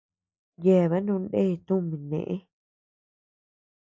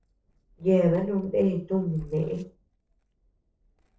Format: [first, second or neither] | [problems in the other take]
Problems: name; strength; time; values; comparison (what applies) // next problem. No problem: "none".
first | noise reduction (neural separator model SepFormer DNS4)